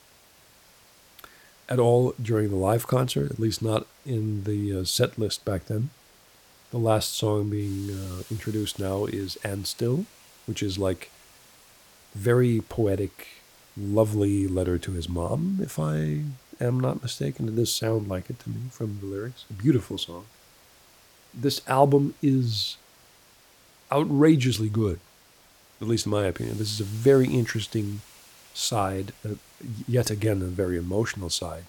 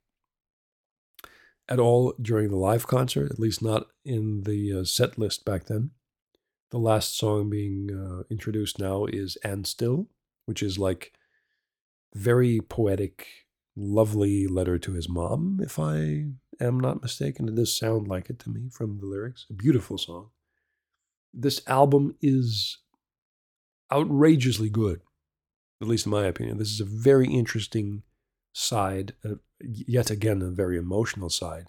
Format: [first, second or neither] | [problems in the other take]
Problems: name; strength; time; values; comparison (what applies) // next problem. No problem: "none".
second | hiss; faint; throughout; 25 dB below the speech